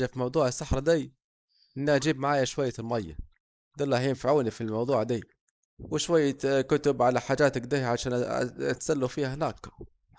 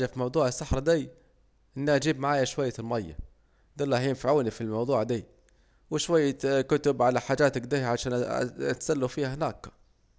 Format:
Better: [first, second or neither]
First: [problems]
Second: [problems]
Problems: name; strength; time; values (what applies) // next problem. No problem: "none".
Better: second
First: noise reduction (neural mask model Resemble Enhance denoiser)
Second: none